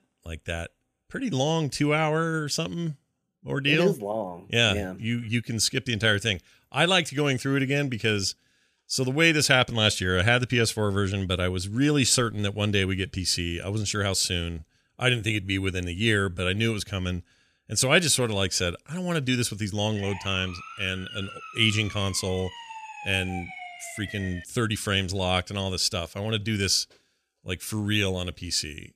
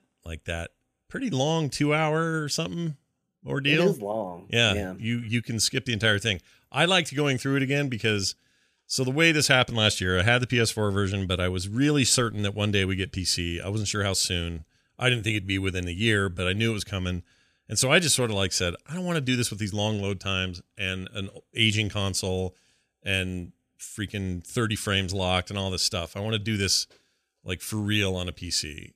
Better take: second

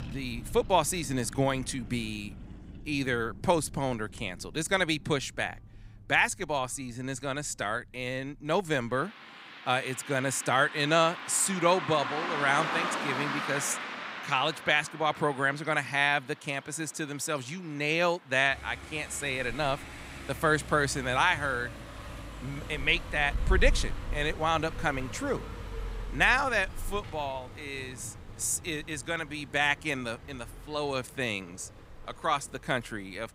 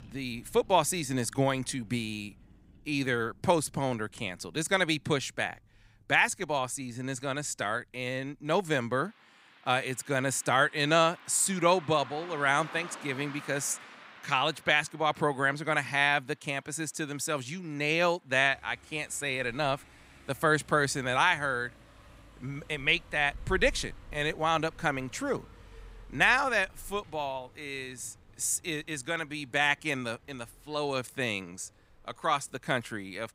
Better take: second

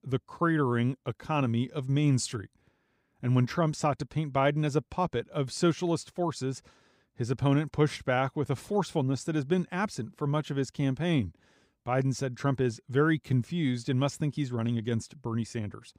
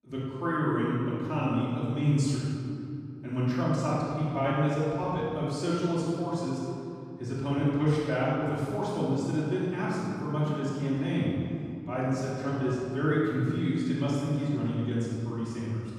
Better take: first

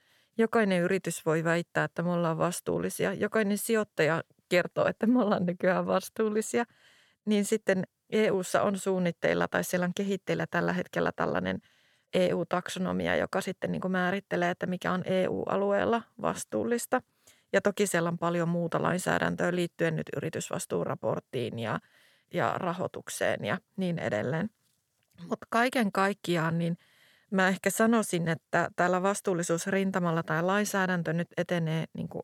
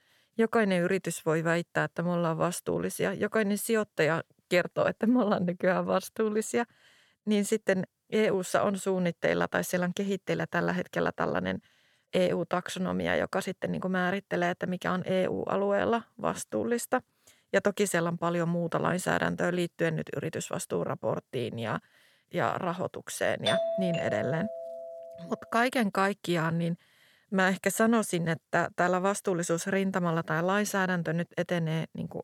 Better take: first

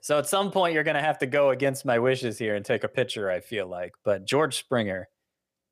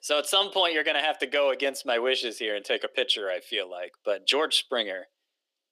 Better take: first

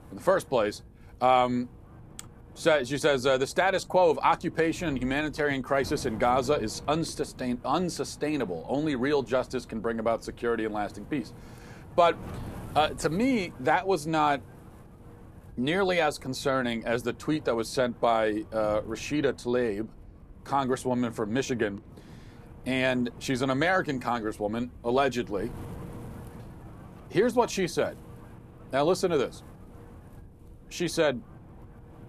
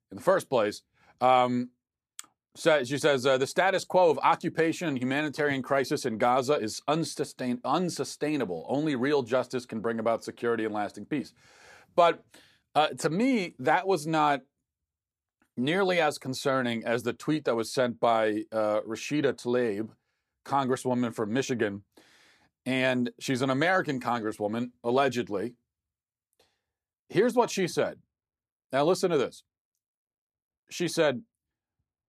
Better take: second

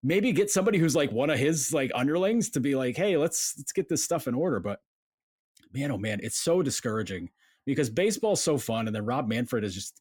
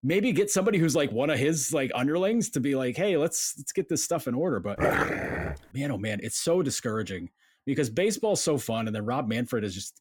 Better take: first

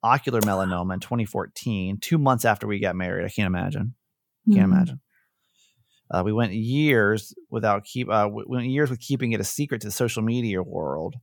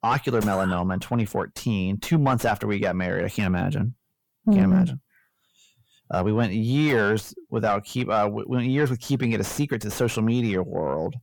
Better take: first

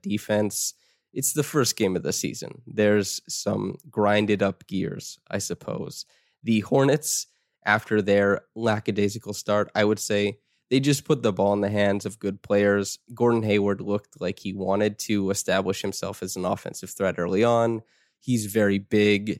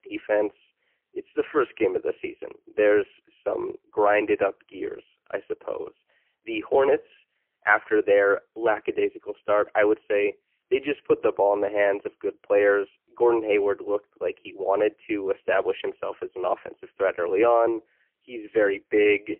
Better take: first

